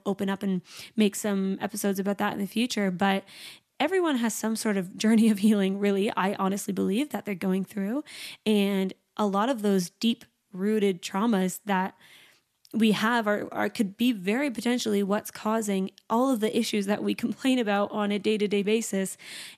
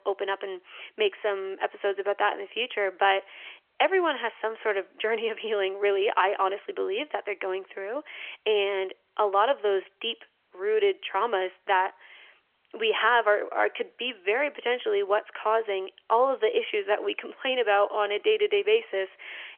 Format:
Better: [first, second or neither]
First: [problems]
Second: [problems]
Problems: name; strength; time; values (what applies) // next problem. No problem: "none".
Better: first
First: none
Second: phone-call audio; nothing above 3.5 kHz